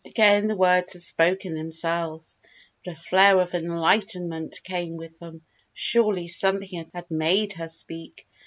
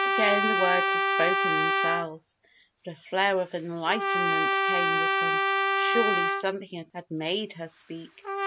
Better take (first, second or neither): first